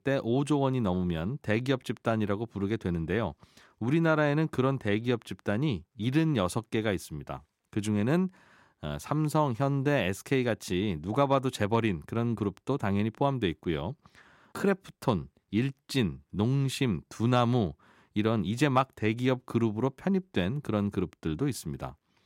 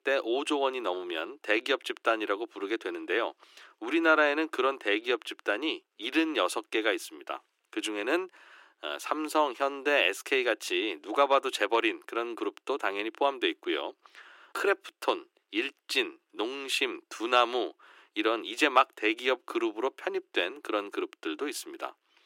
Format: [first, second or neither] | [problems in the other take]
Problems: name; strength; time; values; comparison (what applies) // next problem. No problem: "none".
first | thin; very; fading below 300 Hz